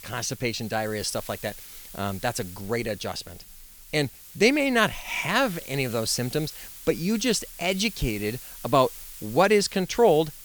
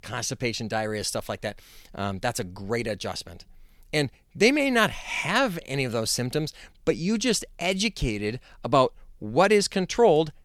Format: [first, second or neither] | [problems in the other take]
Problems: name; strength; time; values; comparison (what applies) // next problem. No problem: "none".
second | hiss; noticeable; throughout; 15 dB below the speech